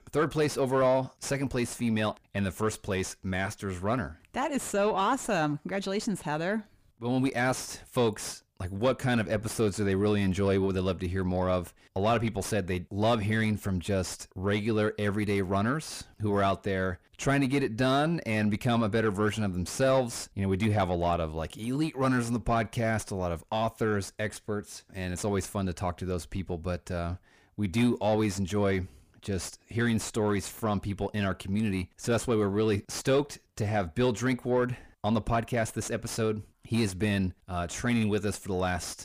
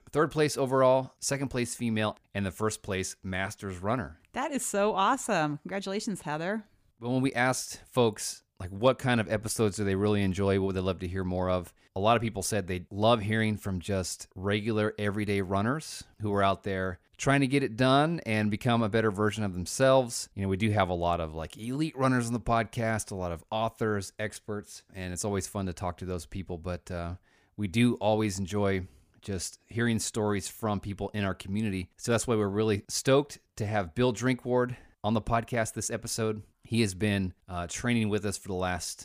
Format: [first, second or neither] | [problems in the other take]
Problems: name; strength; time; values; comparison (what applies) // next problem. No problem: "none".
second | distortion; slight; 10 dB below the speech